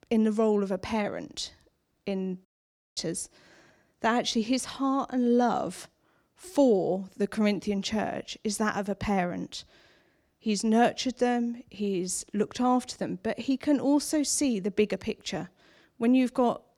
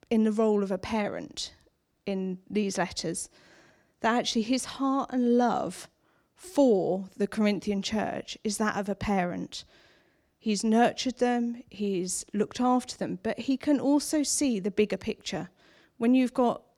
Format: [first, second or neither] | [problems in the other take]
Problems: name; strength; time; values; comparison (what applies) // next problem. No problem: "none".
second | audio cutting out; at 2.5 s for 0.5 s